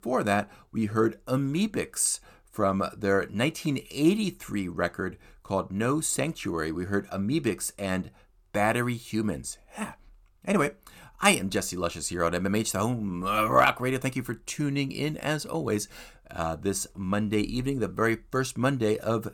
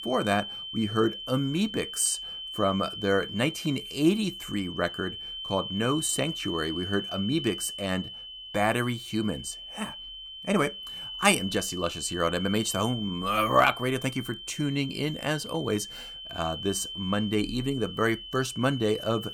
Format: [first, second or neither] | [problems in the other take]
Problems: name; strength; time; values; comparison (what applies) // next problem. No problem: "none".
first | high-pitched whine; loud; throughout; 3 kHz, 8 dB below the speech